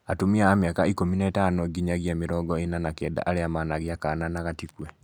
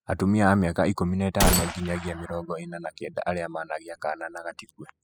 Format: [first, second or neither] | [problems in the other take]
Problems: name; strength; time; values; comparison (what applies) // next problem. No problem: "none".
first | noise reduction (classical method spectral subtraction)